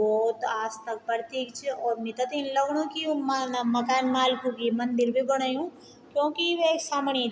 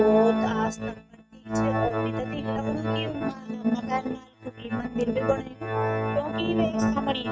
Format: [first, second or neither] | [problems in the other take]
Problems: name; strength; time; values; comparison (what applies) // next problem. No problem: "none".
first | noise reduction (neural mask model RNNoise)